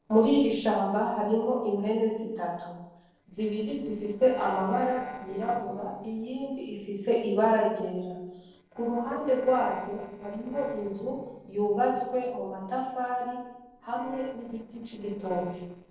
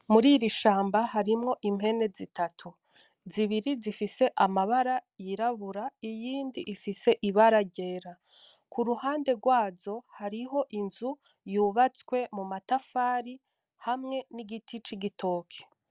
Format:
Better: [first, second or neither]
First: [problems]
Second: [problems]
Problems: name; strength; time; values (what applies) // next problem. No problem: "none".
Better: second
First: noise reduction (neural separator model SepFormer DNS4)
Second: none